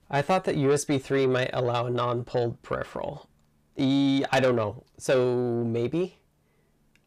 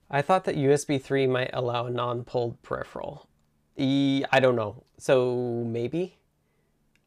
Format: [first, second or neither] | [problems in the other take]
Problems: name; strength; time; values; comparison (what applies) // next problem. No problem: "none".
second | distortion; slight; 10 dB below the speech